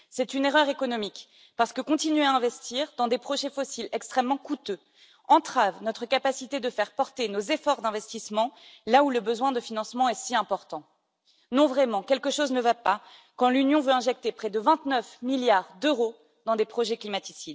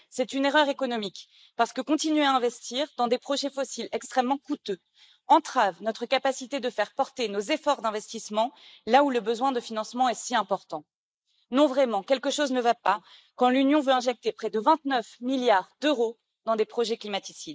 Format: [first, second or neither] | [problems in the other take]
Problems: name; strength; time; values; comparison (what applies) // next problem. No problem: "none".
first | noise reduction (neural mask model Resemble Enhance denoiser)